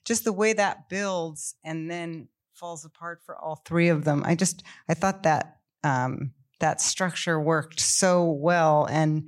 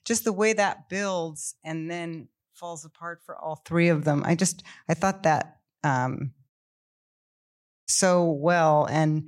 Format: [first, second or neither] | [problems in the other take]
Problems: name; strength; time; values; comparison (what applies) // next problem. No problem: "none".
first | audio cutting out; at 6.5 s for 1.5 s